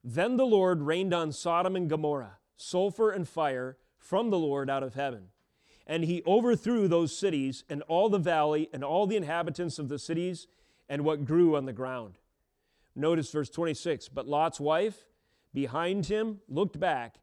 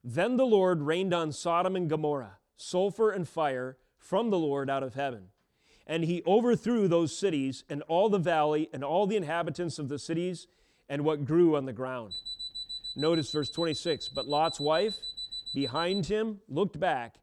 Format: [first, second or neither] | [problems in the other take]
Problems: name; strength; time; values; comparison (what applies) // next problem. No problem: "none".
first | alarm; noticeable; from 12 to 16 s; peak 6 dB below the speech